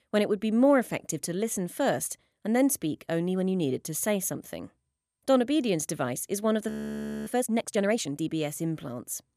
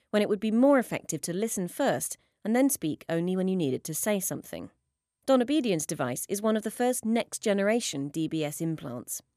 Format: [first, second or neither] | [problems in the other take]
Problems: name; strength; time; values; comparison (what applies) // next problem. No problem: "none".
second | audio freezing; at 6.5 s for 0.5 s